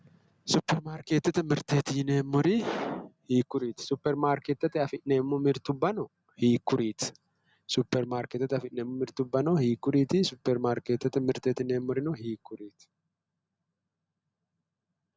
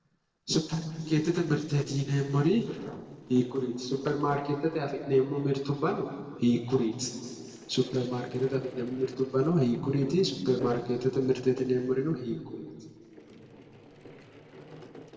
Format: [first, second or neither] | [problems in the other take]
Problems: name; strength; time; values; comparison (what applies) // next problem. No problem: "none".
first | noise reduction (neural separator model SepFormer DNS4)